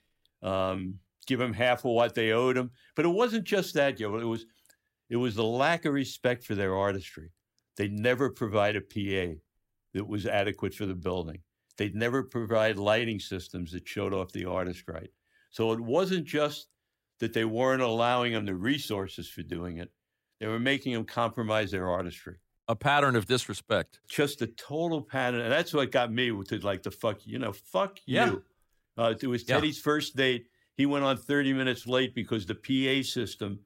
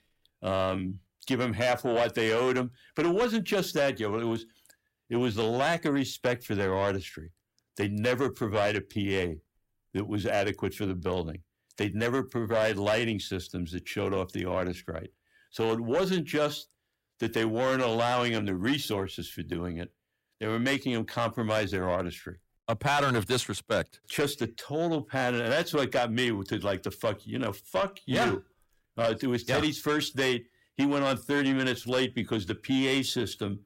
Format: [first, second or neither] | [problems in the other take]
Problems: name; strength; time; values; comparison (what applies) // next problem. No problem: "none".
first | distortion; slight; 10 dB below the speech